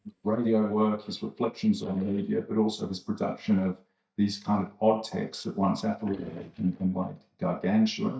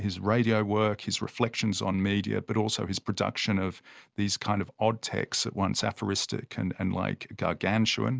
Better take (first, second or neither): second